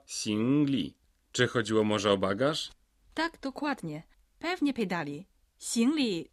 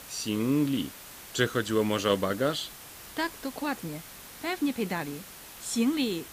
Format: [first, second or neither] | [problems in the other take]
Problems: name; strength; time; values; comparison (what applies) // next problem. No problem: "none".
first | hiss; noticeable; throughout; 15 dB below the speech